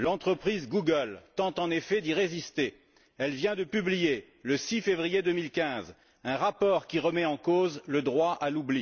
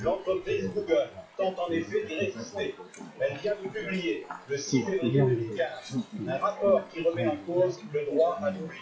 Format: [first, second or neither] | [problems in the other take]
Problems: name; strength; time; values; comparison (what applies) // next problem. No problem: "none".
first | noise reduction (classical method WPE with log-MMSE)